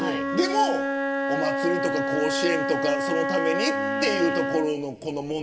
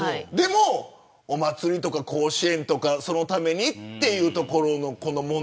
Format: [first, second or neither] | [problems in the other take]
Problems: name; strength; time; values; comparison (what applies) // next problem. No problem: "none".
second | background sound (Wind instrument, woodwind instrument); as loud as the speech // room echo; dies away in 1.6 s